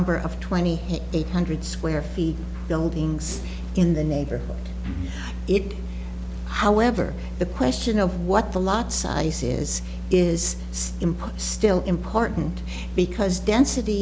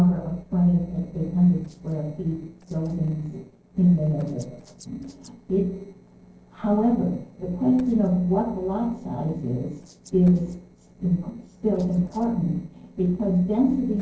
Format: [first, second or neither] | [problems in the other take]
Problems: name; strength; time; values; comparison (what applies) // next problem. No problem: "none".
first | noise reduction (neural separator model SepFormer DNS4)